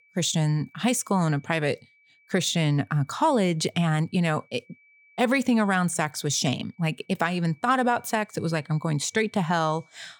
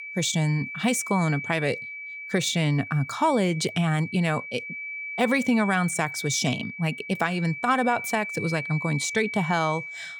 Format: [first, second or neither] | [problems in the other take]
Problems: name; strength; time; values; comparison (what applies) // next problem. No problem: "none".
first | high-pitched whine; loud; throughout; 2.5 kHz, 8 dB below the speech; faint in the first